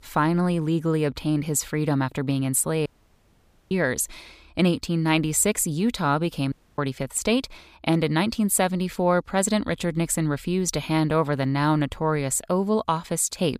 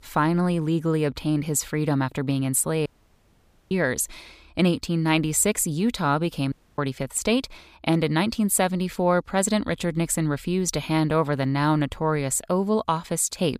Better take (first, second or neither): neither